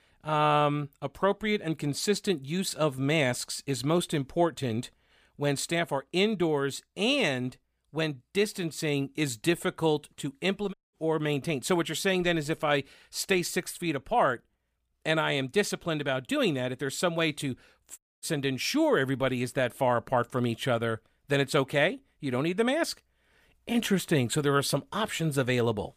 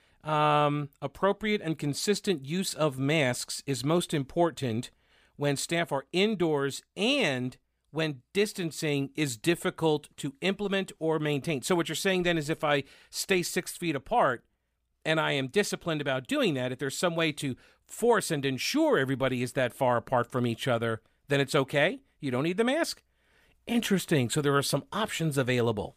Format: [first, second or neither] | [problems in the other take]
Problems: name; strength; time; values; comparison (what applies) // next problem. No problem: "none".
second | audio cutting out; at 11 s and at 18 s